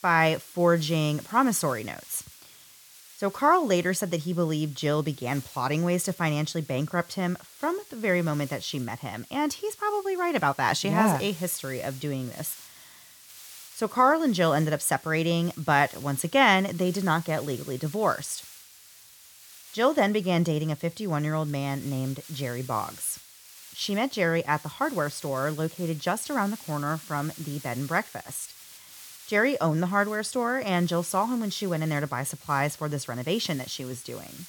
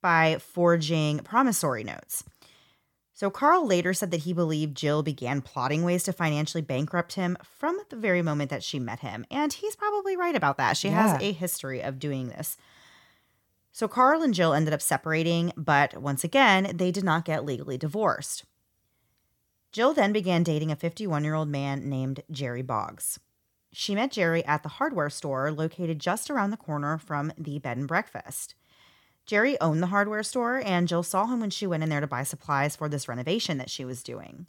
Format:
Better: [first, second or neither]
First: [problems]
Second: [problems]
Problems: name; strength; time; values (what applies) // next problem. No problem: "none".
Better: second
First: hiss; noticeable; throughout; 20 dB below the speech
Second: none